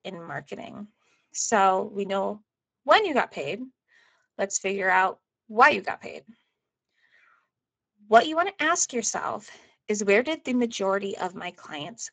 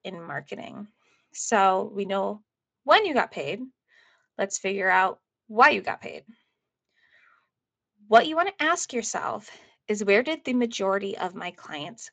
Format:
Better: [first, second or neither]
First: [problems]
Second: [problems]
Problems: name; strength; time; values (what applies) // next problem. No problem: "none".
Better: second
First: garbled, watery; badly; nothing above 7.5 kHz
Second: garbled, watery; slightly; nothing above 7.5 kHz